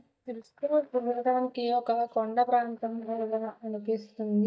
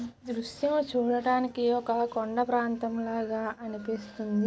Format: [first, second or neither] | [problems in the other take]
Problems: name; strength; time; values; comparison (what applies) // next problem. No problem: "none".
second | noise reduction (neural mask model DeepFilterNet 3)